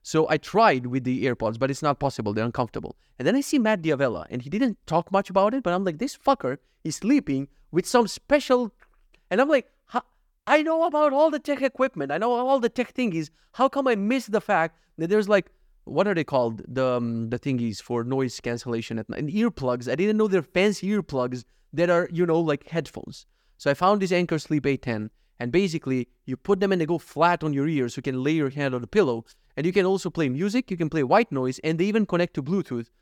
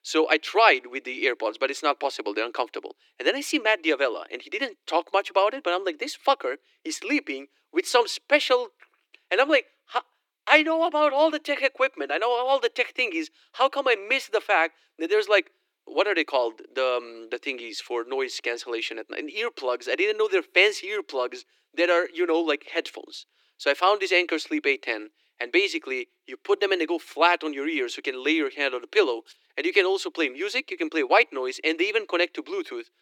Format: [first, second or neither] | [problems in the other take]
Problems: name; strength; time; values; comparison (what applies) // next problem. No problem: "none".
first | thin; somewhat; fading below 300 Hz